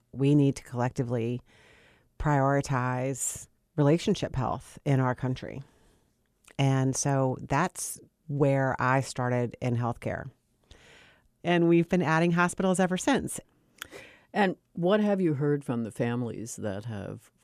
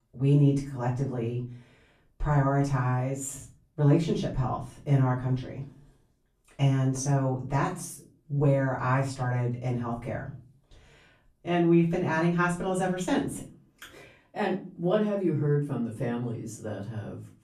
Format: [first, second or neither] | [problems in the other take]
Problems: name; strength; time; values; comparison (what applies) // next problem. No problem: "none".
first | off-mic speech; far // room echo; slight; dies away in 0.3 s